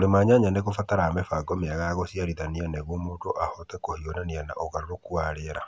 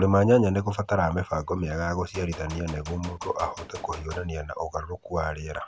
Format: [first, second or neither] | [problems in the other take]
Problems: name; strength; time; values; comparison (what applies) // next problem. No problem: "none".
first | background sound (Gunshot, gunfire); 16 dB below the speech